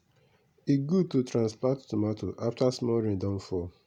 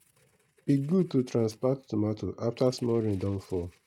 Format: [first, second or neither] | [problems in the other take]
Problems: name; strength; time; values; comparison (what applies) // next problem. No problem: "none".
first | noise reduction (neural mask model RNNoise)